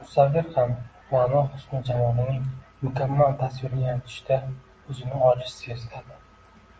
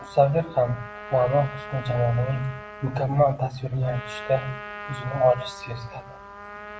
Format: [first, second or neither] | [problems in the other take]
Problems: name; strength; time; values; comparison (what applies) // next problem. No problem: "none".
first | background sound (Trumpet); 14 dB below the speech